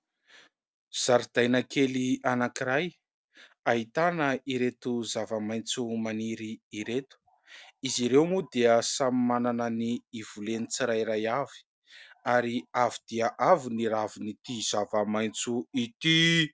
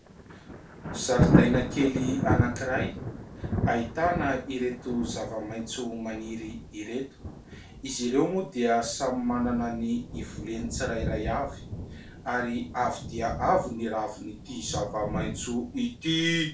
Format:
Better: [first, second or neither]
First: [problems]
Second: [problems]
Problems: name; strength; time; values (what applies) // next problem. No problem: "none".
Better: first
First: none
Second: background sound (Thunder); 2 dB below the speech // room echo; dies away in 0.3 s